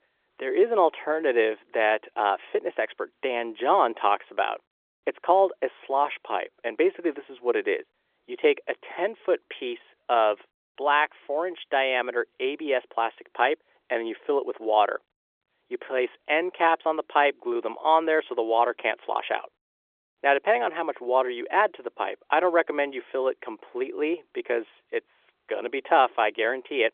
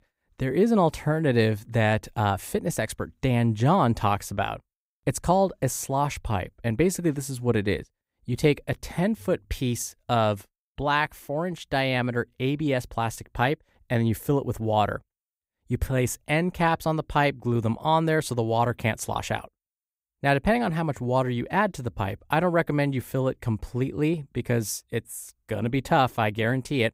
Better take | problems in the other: second | phone-call audio; nothing above 3.5 kHz

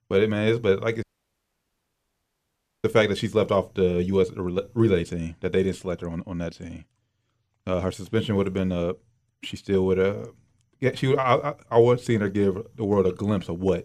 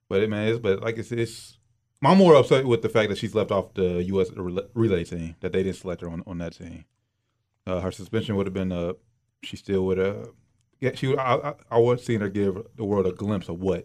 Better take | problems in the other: second | audio cutting out; at 1 s for 2 s

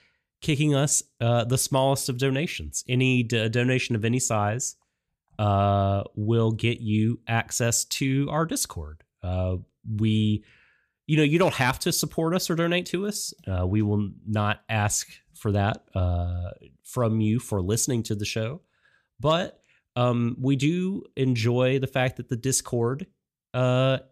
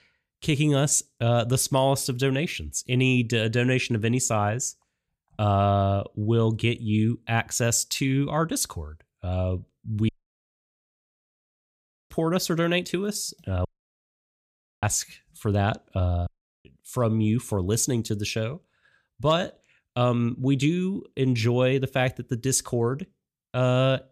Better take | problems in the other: first | audio cutting out; at 10 s for 2 s, at 14 s for 1 s and at 16 s

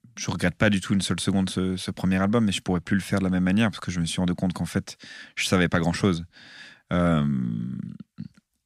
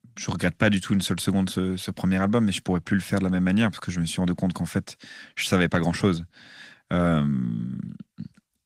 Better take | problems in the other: first | garbled, watery; slightly; nothing above 15.5 kHz

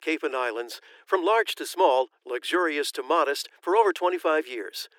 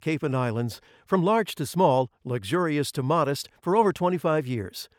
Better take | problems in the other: second | thin; very; fading below 300 Hz

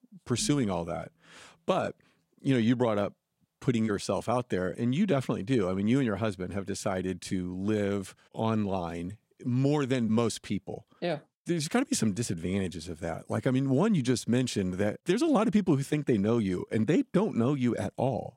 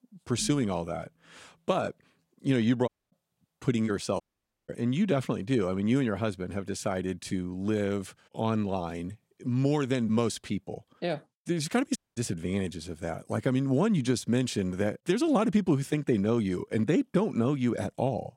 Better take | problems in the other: first | audio cutting out; at 3 s, at 4 s and at 12 s

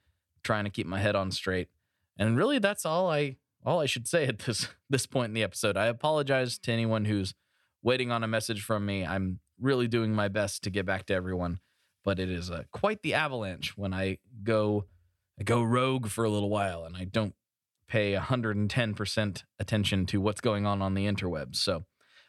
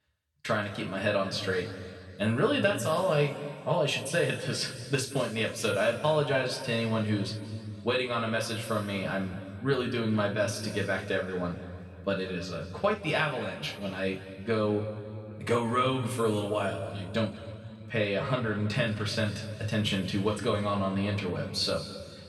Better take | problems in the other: first | room echo; noticeable; dies away in 2 s // off-mic speech; far

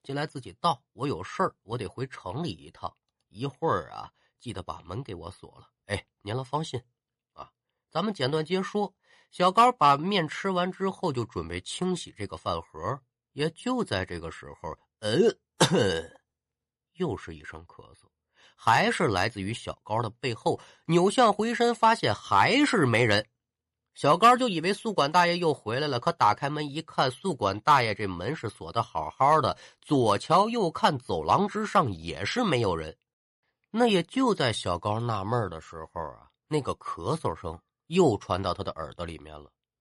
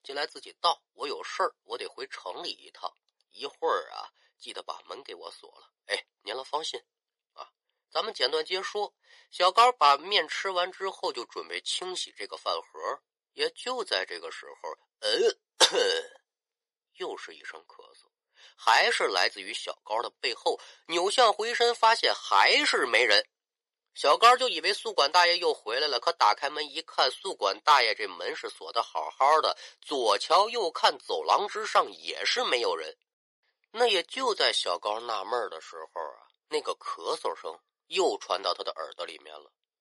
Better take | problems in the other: first | thin; very; fading below 450 Hz

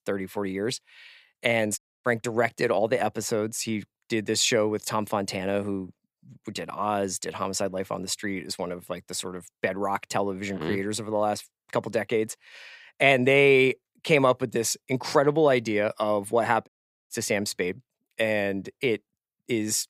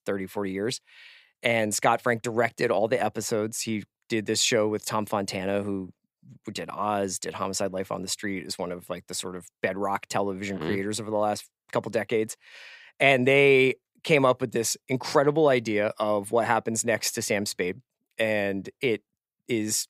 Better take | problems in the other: second | audio cutting out; at 2 s and at 17 s

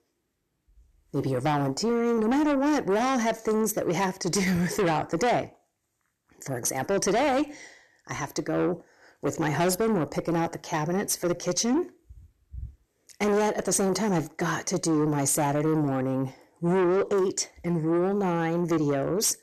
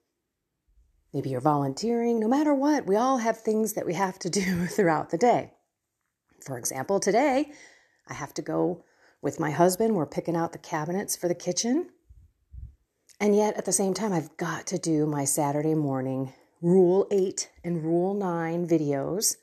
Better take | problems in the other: second | distortion; heavy; 8 dB below the speech

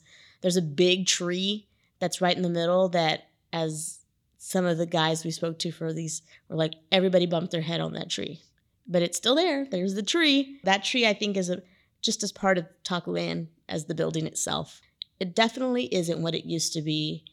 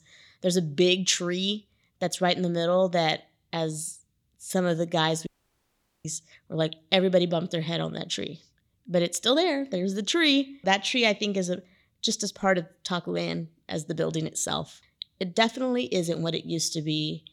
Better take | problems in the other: first | audio cutting out; at 5.5 s for 1 s

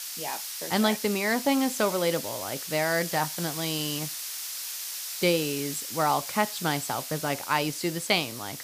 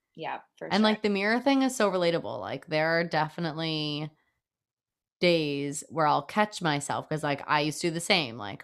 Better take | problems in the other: second | hiss; loud; throughout; 6 dB below the speech

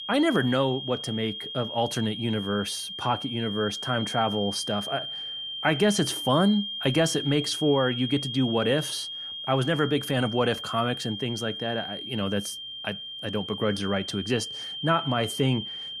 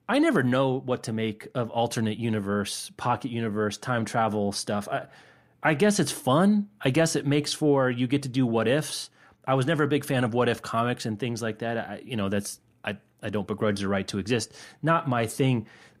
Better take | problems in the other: second | high-pitched whine; loud; throughout; 3 kHz, 6 dB below the speech

